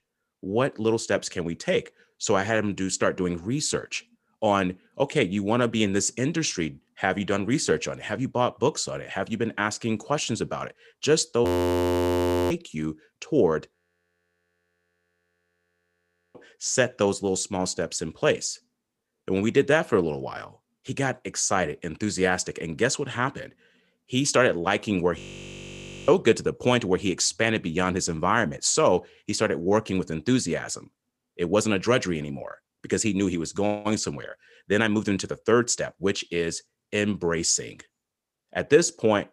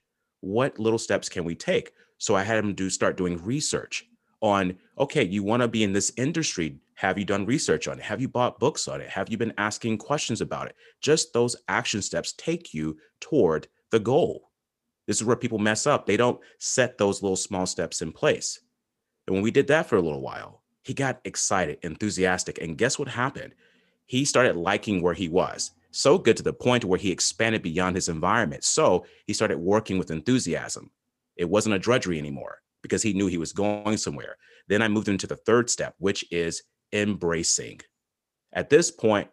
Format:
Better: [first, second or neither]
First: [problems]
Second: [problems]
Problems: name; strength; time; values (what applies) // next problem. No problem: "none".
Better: second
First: audio freezing; at 11 s for 1 s, at 14 s for 2.5 s and at 25 s for 1 s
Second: none